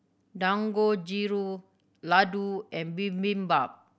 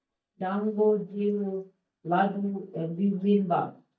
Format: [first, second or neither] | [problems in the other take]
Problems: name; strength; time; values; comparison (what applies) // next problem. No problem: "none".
first | noise reduction (neural mask model DeepFilterNet 3)